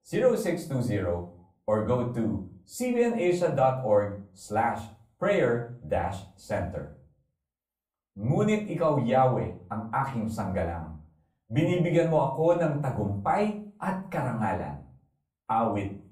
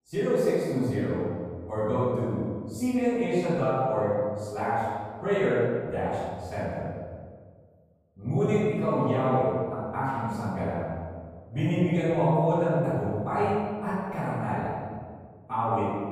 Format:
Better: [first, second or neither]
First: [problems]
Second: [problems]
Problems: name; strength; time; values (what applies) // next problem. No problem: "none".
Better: first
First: room echo; slight; dies away in 0.4 s // off-mic speech; far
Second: room echo; strong; dies away in 1.7 s // off-mic speech; far